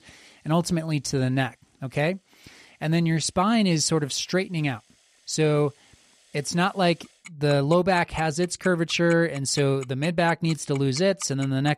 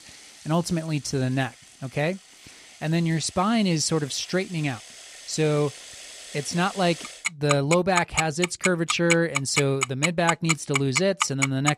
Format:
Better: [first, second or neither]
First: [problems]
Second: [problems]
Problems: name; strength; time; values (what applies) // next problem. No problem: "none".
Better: first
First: household noises; faint; throughout; 20 dB below the speech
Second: household noises; loud; throughout; 3 dB below the speech